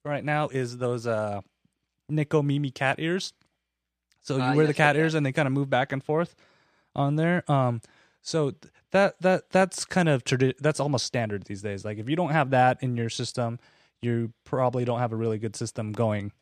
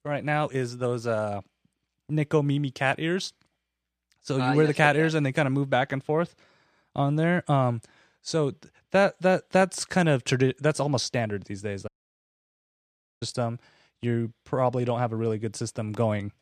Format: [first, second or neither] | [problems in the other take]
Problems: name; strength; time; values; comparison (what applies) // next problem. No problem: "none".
first | audio cutting out; at 12 s for 1.5 s